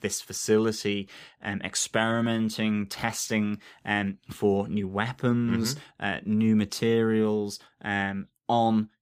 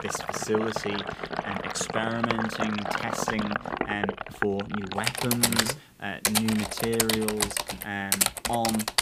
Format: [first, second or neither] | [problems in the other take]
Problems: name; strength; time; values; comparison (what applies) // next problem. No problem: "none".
first | household noises; very loud; throughout; 2 dB above the speech